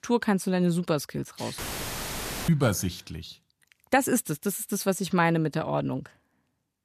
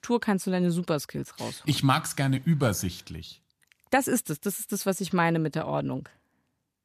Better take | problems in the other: second | audio cutting out; filled with static; at 1.5 s for 1 s

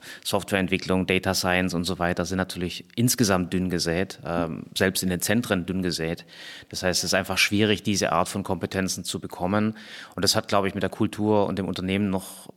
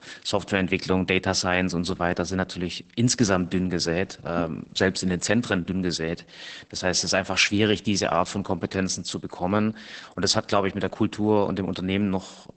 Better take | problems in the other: first | garbled, watery; badly; nothing above 8 kHz

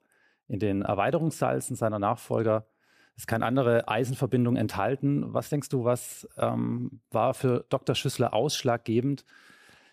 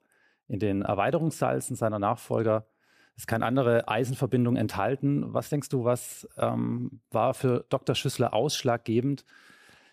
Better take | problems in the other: neither | none

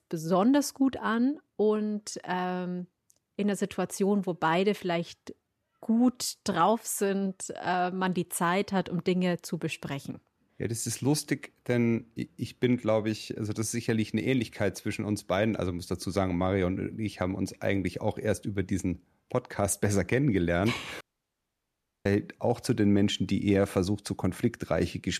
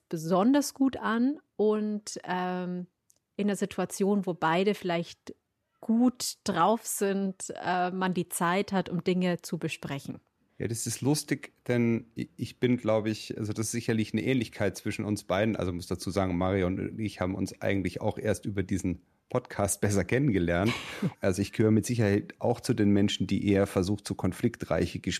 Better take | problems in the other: second | audio cutting out; at 21 s for 1 s

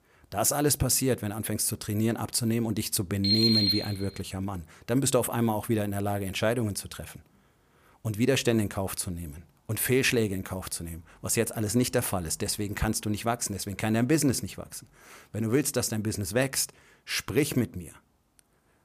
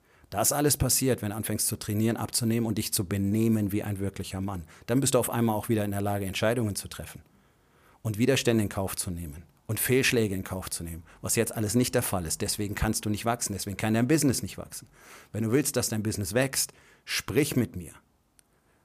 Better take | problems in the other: second | alarm; loud; at 3 s; peak 6 dB above the speech

